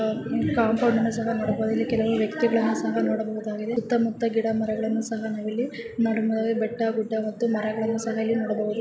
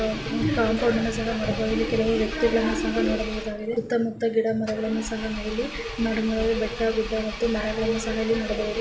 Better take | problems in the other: first | background sound (Engine); 10 dB below the speech // room echo; dies away in 0.2 s

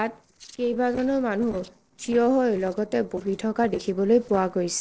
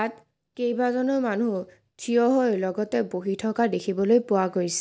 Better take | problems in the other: second | noise reduction (neural separator model SepFormer DNS4)

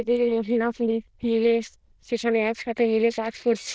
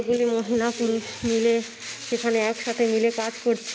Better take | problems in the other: second | noise reduction (neural diffusion model UNIVERSE++)

